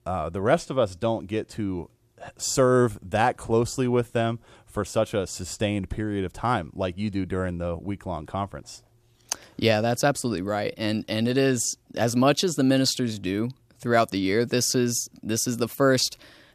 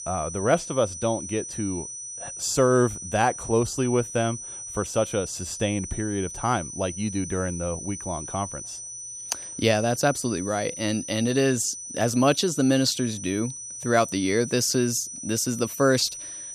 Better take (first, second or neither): first